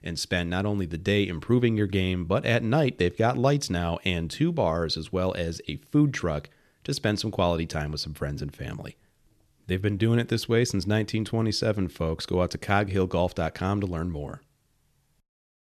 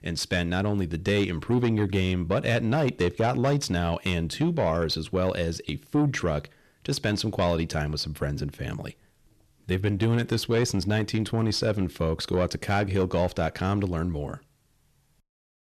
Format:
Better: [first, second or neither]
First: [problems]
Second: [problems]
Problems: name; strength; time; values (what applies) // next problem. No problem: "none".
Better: first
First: none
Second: distortion; slight; 10 dB below the speech